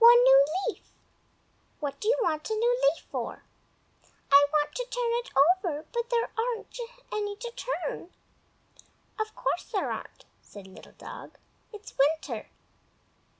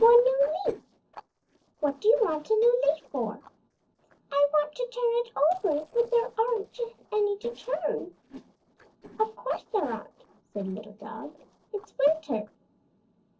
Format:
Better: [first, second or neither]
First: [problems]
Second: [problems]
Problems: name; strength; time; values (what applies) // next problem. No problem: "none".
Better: first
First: none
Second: noise reduction (neural separator model SepFormer DNS4)